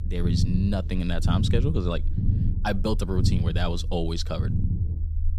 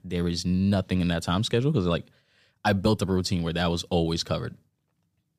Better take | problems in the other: second | low rumble; loud; throughout; 8 dB below the speech

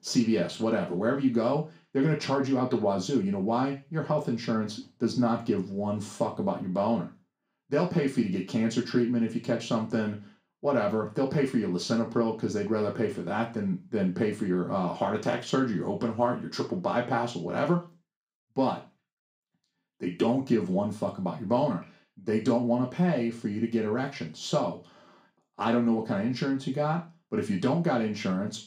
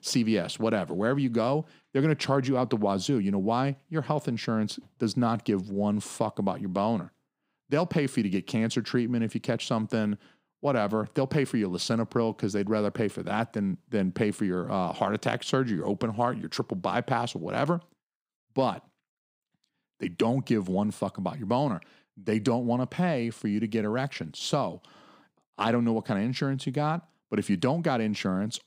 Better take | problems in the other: second | room echo; slight; dies away in 0.3 s // off-mic speech; somewhat distant

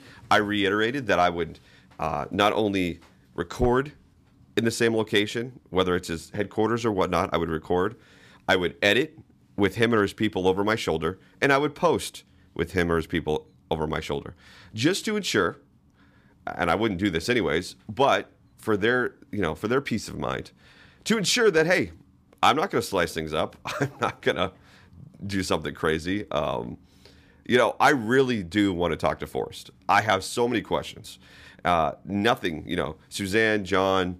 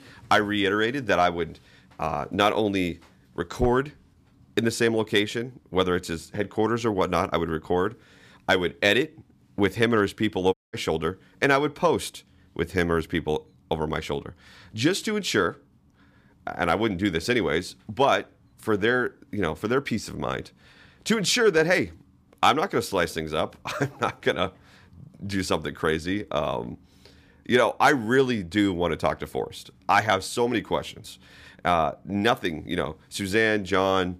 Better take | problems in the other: first | audio cutting out; at 11 s

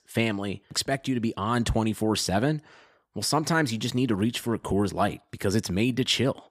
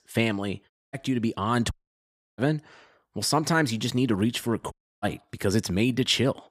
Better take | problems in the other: first | audio cutting out; at 0.5 s, at 1.5 s for 0.5 s and at 4.5 s

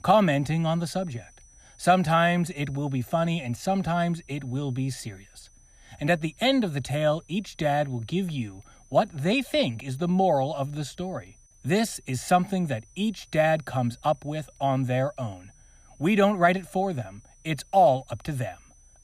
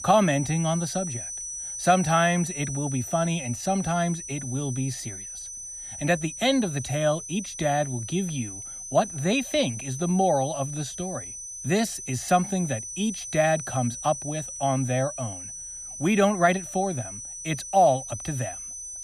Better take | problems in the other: first | high-pitched whine; loud; throughout; 6 kHz, 8 dB below the speech; faint in the first

